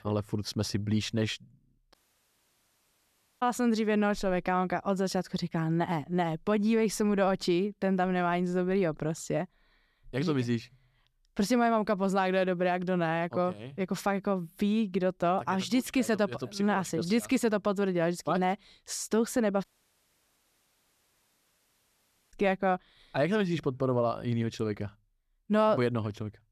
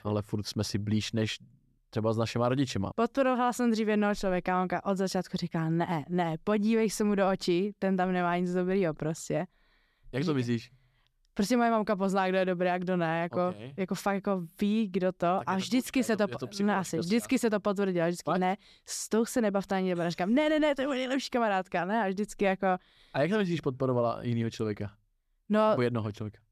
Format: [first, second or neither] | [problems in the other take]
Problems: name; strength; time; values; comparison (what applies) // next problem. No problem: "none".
second | audio cutting out; at 2 s for 1.5 s and at 20 s for 2.5 s